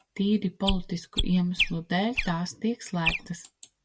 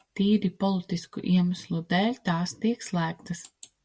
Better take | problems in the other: second | background sound (Chirp, tweet); 3 dB below the speech

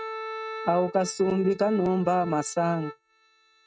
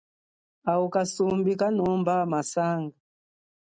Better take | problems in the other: second | noise reduction (neural mask model RNNoise)

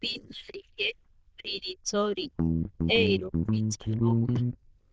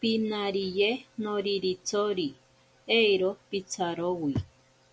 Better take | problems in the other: second | noise reduction (neural diffusion model UNIVERSE++)

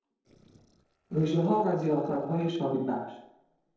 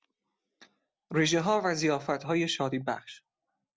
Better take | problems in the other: second | noise reduction (neural separator model SepFormer DNS4)

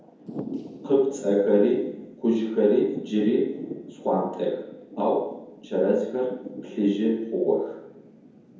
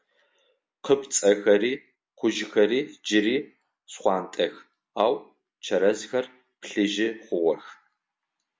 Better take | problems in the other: second | background sound (Thunder / Rain); 15 dB below the speech // room echo; dies away in 0.9 s

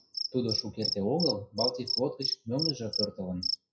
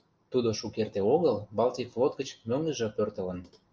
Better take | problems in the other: second | noise reduction (classical method WPE with log-MMSE)

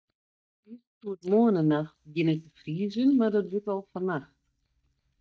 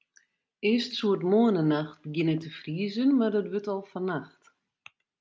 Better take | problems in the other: second | noise reduction (neural mask model DeepFilterNet 3)

